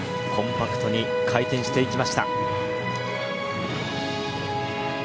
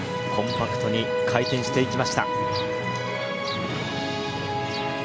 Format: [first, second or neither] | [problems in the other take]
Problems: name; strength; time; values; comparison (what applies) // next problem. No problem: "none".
first | background sound (Chirp, tweet); 18 dB below the speech